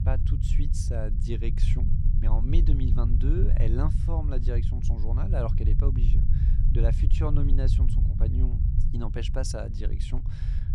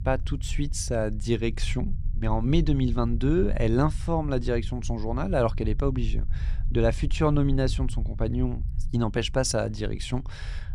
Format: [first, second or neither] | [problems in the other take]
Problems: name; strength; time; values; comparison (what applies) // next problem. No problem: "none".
second | low rumble; loud; throughout; 4 dB below the speech; faint in the second